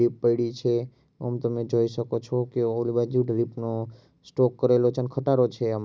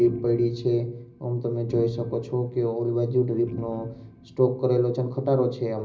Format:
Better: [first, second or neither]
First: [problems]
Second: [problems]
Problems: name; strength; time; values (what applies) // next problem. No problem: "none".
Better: first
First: none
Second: background sound (Organ); 15 dB below the speech // room echo; dies away in 0.5 s